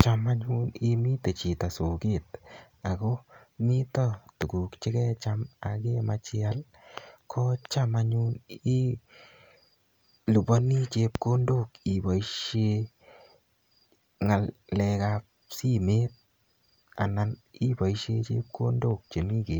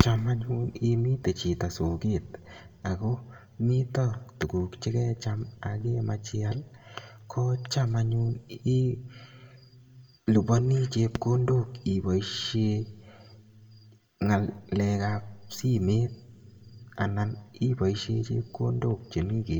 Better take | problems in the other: first | room echo; dies away in 1 s

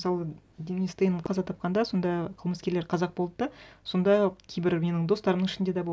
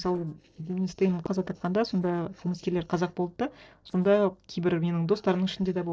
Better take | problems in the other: first | noise reduction (neural separator model SepFormer DNS4)

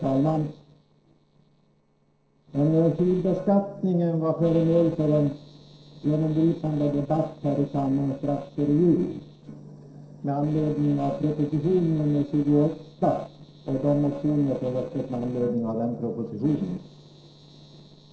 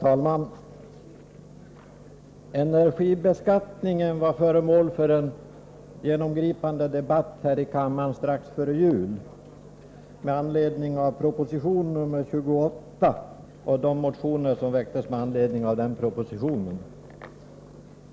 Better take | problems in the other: second | noise reduction (neural separator model SepFormer DNS4)

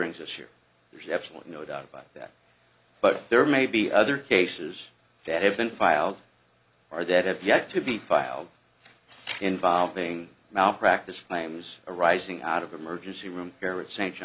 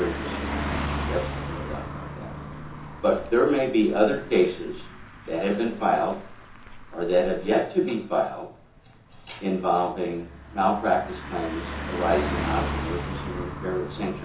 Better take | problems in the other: first | background sound (Car passing by); 8 dB below the speech // room echo; dies away in 0.6 s

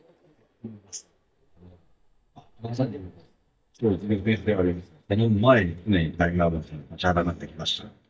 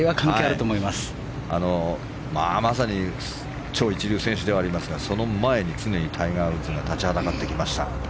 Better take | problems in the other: second | noise reduction (neural mask model DeepFilterNet 3)

